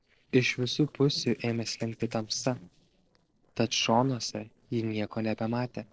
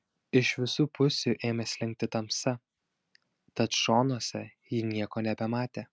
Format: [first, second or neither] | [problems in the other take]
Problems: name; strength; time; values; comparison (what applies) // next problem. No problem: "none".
second | noise reduction (neural separator model SepFormer DNS4)